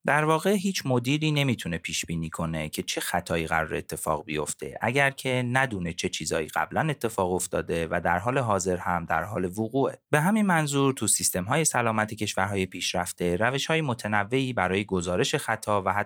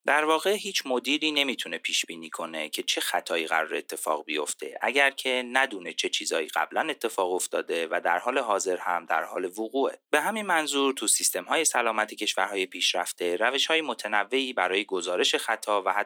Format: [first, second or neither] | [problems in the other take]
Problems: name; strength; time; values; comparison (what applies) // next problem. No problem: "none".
first | thin; somewhat; fading below 250 Hz